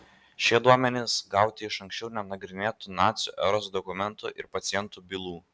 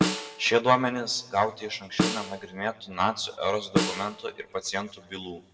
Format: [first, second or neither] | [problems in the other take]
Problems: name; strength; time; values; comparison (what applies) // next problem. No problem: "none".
first | background sound (Snare drum); 4 dB below the speech // room echo; dies away in 1.1 s